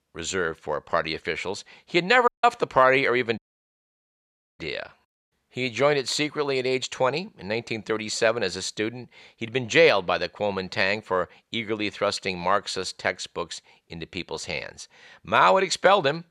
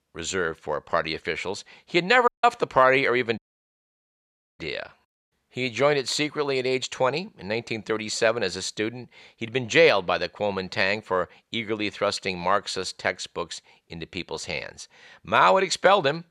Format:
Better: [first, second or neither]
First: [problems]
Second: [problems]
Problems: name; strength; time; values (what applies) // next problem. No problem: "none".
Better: neither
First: audio cutting out; at 2.5 s and at 3.5 s for 1 s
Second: audio cutting out; at 2.5 s and at 3.5 s for 1 s